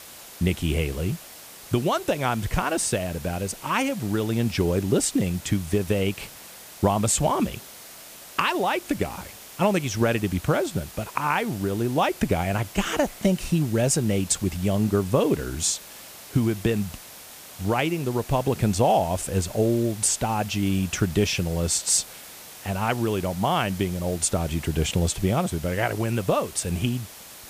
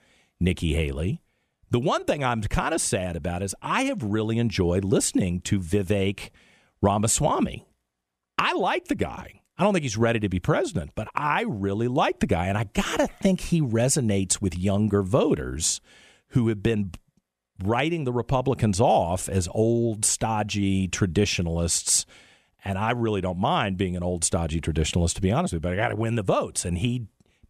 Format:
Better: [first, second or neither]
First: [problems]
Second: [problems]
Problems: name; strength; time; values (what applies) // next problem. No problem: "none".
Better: second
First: hiss; noticeable; throughout; 15 dB below the speech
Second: none